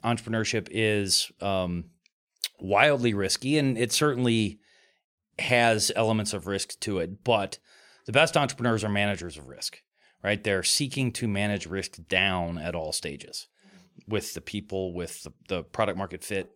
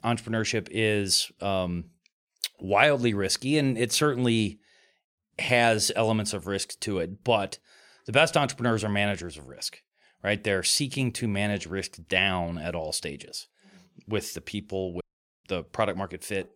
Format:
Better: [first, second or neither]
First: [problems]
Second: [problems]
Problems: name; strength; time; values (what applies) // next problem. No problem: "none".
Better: first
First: none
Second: audio cutting out; at 15 s